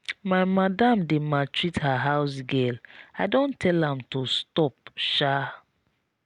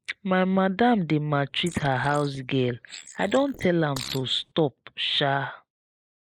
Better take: first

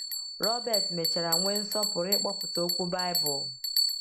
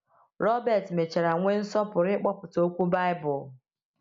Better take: second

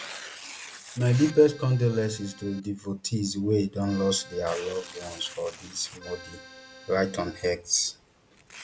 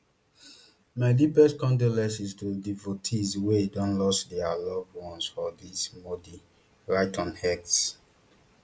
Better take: second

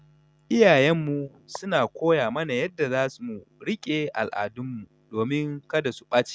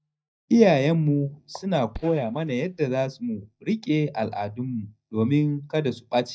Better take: first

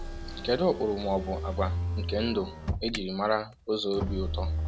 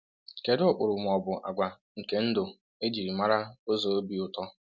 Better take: second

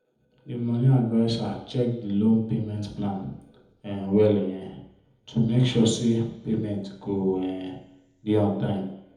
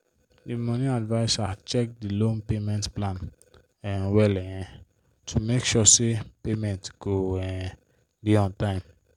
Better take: second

